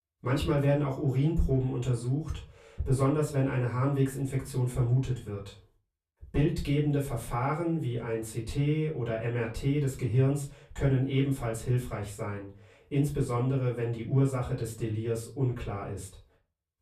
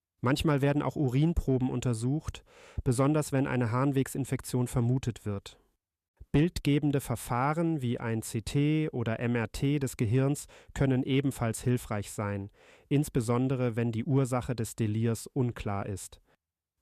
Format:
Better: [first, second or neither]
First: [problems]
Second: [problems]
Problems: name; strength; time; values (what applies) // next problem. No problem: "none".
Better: second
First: off-mic speech; far // room echo; slight; dies away in 0.3 s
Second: none